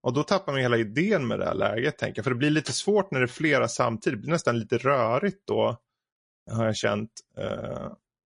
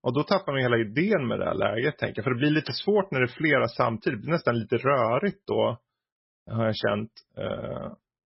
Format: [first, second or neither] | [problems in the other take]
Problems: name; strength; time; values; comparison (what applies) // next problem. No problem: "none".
first | garbled, watery; badly; nothing above 5.5 kHz; slightly in the first